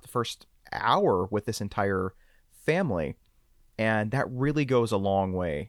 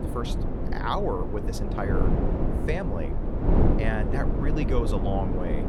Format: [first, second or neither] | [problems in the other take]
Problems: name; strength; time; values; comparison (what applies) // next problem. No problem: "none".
first | wind noise on the microphone; heavy; 2 dB below the speech